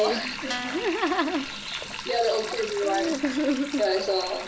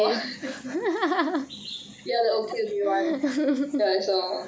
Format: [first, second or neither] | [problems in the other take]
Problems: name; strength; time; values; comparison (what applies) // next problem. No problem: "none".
second | background sound (Guitar + Sink (filling or washing)); 9 dB below the speech